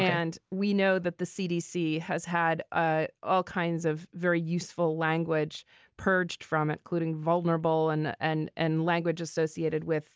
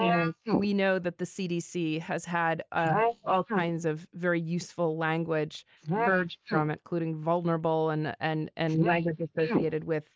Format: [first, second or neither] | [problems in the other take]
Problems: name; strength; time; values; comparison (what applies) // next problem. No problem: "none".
first | noise reduction (neural mask model Resemble Enhance denoiser)